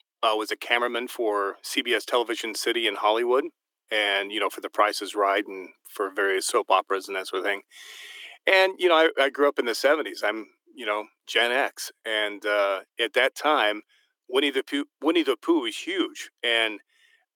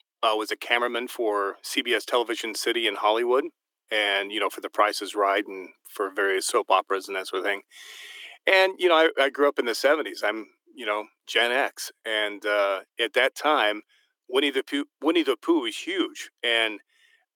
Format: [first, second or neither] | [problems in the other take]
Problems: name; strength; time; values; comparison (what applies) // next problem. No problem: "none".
neither | thin; very; fading below 300 Hz; the same in both